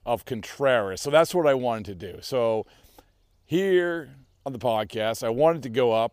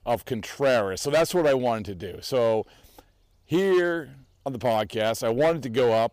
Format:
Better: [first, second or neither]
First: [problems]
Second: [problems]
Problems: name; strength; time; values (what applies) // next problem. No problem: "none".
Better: first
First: none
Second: distortion; slight; 6% of the sound clipped